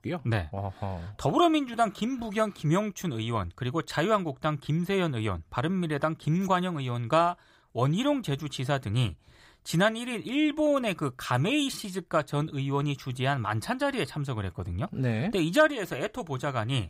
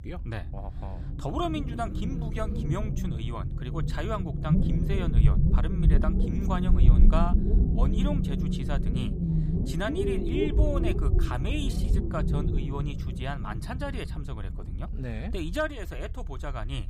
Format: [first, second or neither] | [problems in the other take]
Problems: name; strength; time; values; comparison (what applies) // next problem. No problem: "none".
first | low rumble; loud; throughout; 2 dB below the speech